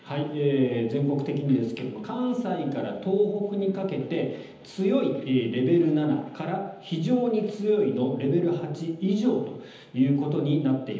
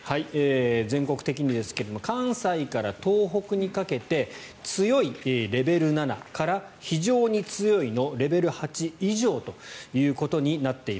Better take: second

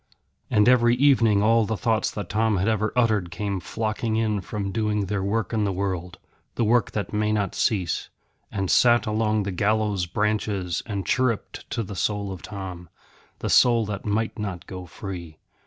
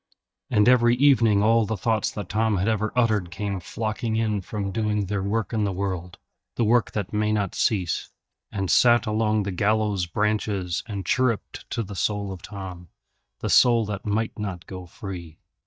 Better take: first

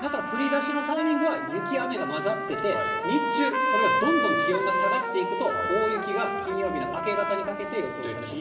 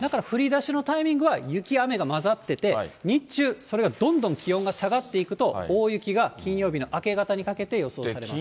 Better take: second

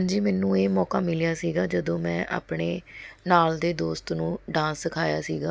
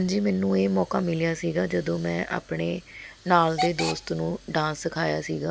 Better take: first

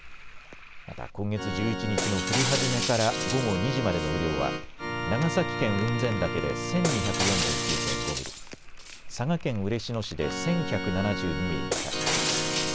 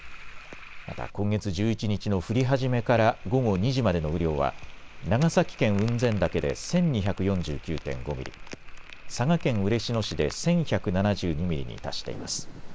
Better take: second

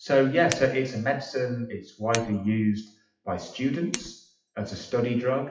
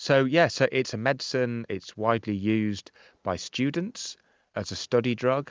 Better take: second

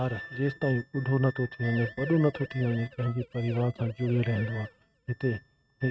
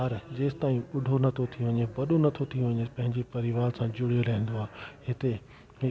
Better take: second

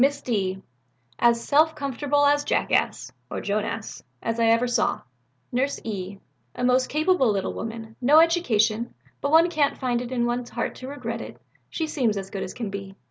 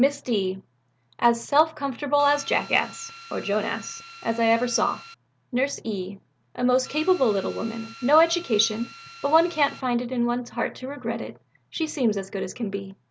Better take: first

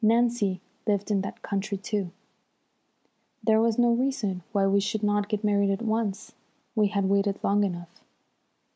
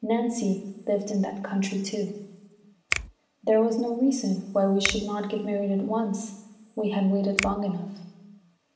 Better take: first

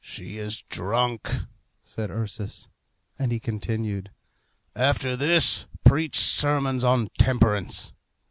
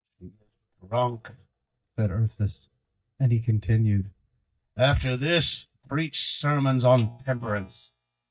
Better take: first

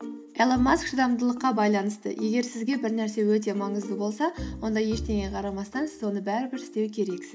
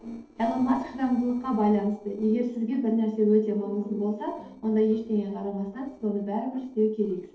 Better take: first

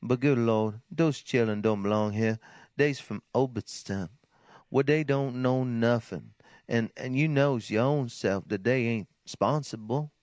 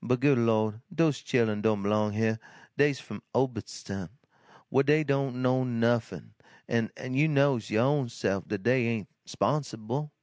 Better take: second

